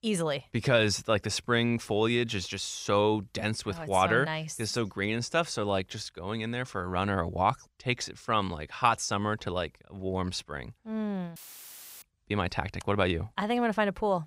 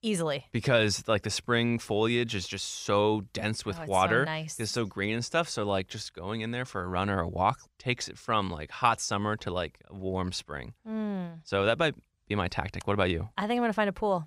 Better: second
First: audio cutting out; filled with static; at 11 s for 0.5 s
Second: none

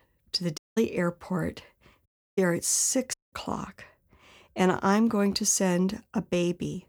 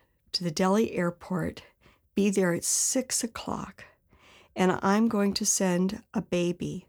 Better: second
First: audio cutting out; at 0.5 s, at 2 s and at 3 s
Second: none

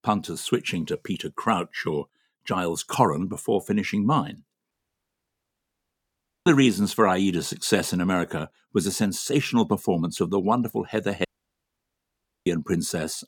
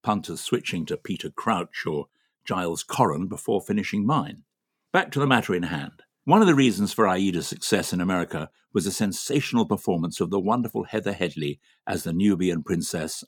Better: second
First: audio cutting out; at 4.5 s for 2 s and at 11 s for 1 s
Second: none

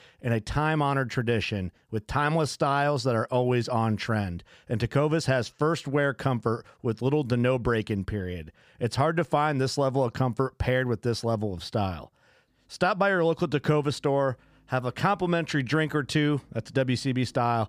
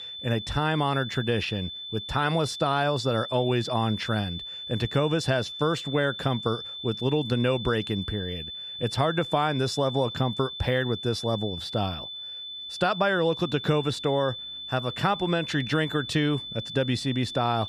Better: first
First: none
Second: high-pitched whine; loud; throughout; 3.5 kHz, 8 dB below the speech

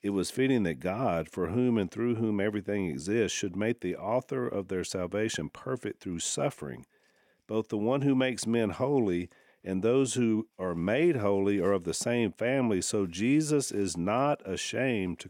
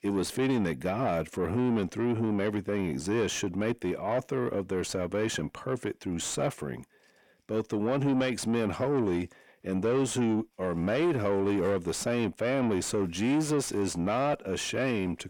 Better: first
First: none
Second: distortion; slight; 10 dB below the speech

